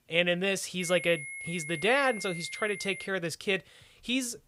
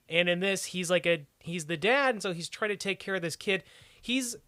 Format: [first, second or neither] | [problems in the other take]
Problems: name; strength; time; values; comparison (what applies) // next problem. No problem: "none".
second | high-pitched whine; loud; from 1 to 3 s; 2 kHz, 10 dB below the speech